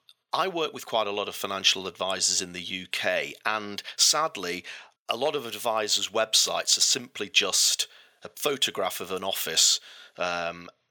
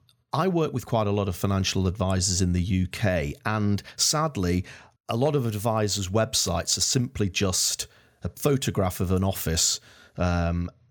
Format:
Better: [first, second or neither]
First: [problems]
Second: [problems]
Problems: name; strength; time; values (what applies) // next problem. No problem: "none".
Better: second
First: thin; very; fading below 500 Hz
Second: none